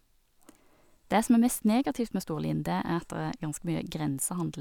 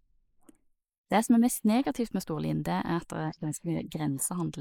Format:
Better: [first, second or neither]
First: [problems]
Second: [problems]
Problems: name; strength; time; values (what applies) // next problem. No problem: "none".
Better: first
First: none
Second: noise reduction (neural mask model Resemble Enhance denoiser)